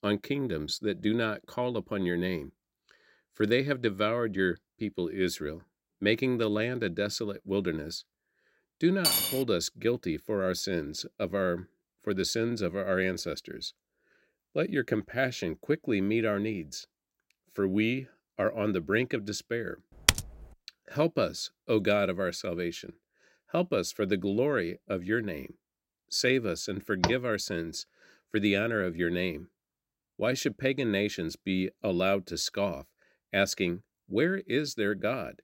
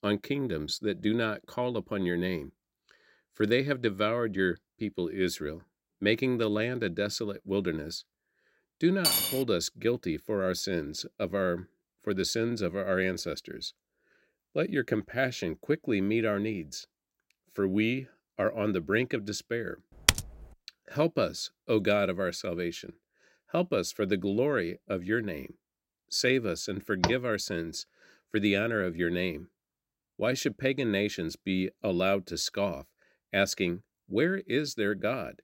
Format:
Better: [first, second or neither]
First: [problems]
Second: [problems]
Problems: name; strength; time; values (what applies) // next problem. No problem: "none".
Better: neither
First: clattering dishes; loud; at 9 s; peak 5 dB above the speech // keyboard typing; loud; at 20 s; peak 5 dB above the speech // door banging; noticeable; at 27 s; peak 1 dB below the speech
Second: clattering dishes; loud; at 9 s; peak 5 dB above the speech // keyboard typing; loud; at 20 s; peak 5 dB above the speech // door banging; noticeable; at 27 s; peak 1 dB below the speech